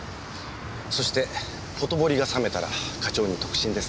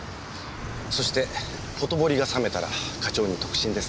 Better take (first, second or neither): first